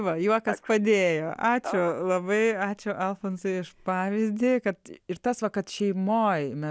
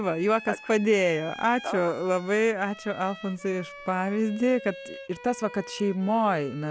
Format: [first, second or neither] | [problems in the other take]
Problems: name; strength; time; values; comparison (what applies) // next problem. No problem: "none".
first | background sound (Bowed string instrument); 18 dB below the speech